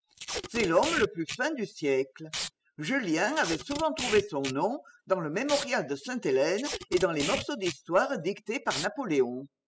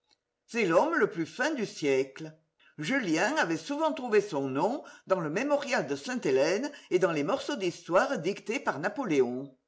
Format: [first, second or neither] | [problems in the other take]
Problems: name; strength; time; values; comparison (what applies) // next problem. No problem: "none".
second | noise reduction (classical method spectral subtraction)